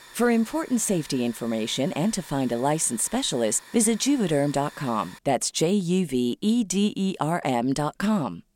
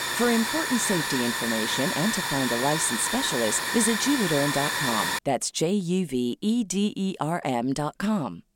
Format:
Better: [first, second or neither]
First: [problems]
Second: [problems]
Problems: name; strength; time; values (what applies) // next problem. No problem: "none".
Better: first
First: hiss; faint; until 5 s; 20 dB below the speech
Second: hiss; loud; until 5 s; as loud as the speech